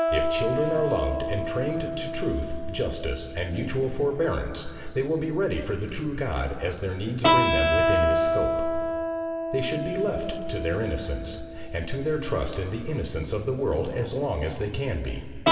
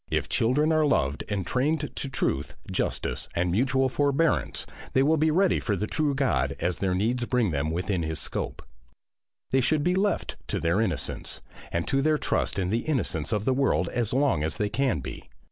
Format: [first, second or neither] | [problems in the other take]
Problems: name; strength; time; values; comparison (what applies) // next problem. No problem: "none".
second | background sound (Keyboard (musical)); 1 dB below the speech // room echo; dies away in 2.5 s